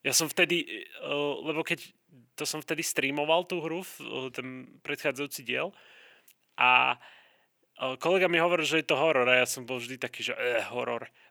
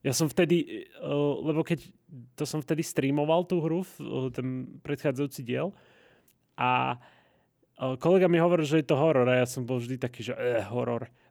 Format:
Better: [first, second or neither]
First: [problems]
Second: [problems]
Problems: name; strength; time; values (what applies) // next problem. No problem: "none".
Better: second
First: thin; somewhat; fading below 1 kHz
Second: none